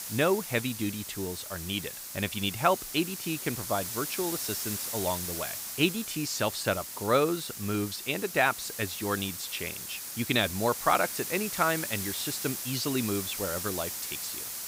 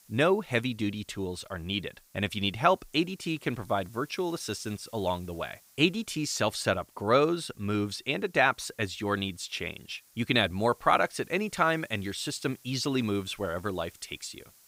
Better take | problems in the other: second | hiss; loud; throughout; 4 dB below the speech; faint in the second

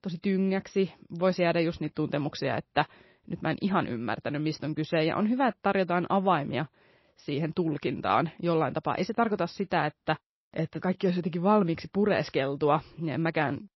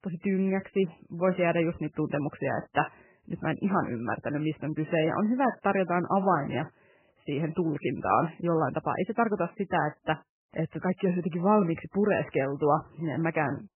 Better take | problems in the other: first | garbled, watery; badly; nothing above 3 kHz; slightly in the first

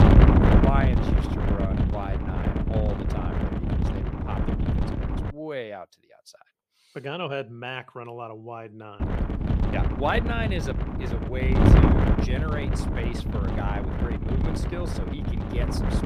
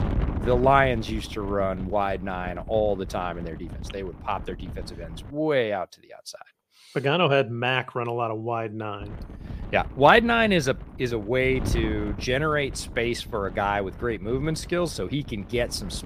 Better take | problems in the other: second | wind noise on the microphone; heavy; until 5.5 s and from 9 s on; 2 dB above the speech; occasional gusts in the second

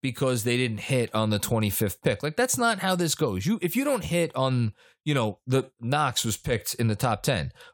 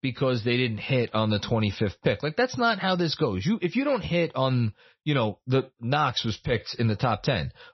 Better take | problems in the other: first | garbled, watery; slightly; nothing above 6 kHz

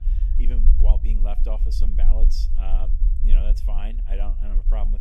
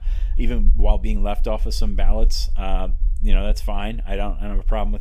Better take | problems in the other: second | low rumble; loud; throughout; 7 dB below the speech; faint in the second

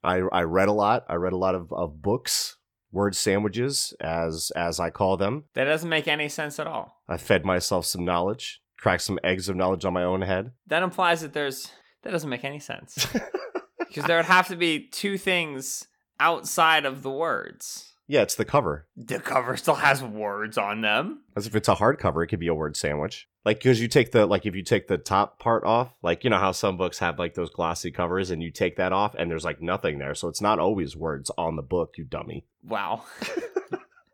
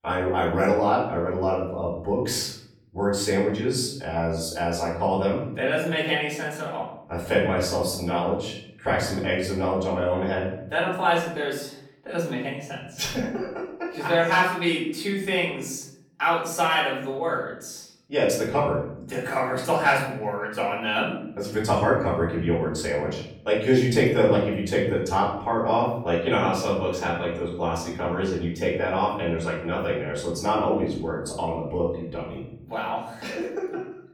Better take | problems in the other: first | off-mic speech; far // room echo; noticeable; dies away in 0.8 s

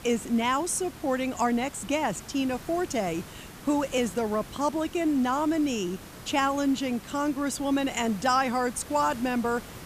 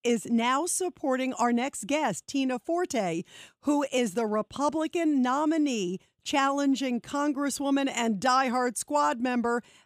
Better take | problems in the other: second | hiss; noticeable; throughout; 15 dB below the speech

